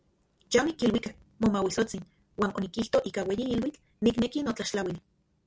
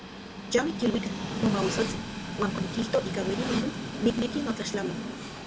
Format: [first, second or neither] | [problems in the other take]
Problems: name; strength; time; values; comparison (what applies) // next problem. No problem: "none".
first | background sound (Train); 4 dB below the speech